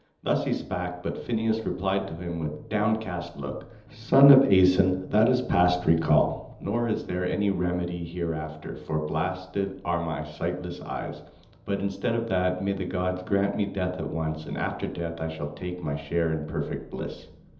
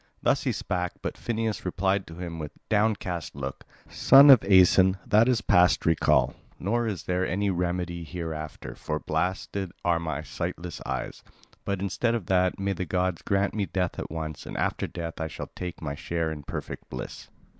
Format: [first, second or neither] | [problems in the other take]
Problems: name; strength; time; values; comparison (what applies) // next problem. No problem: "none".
second | room echo; dies away in 1.2 s